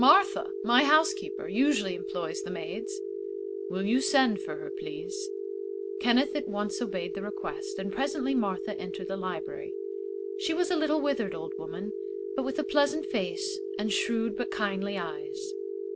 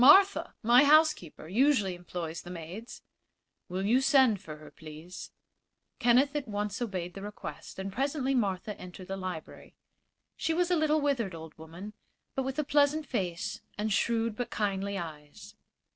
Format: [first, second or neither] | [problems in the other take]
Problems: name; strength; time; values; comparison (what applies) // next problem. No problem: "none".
second | background sound (Telephone); 4 dB below the speech